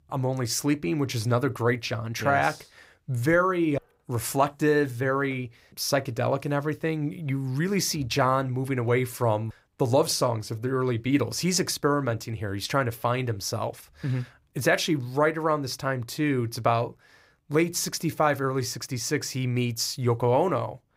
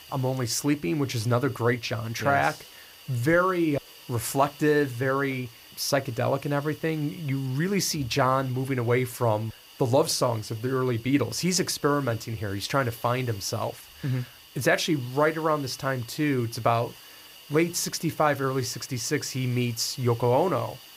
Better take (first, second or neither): first